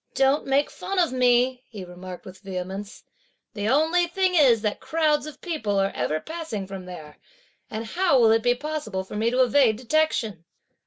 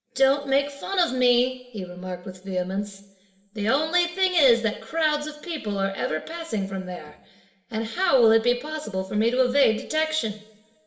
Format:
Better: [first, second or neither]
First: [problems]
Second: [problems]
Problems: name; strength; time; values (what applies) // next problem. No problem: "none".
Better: first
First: none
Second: room echo; dies away in 0.9 s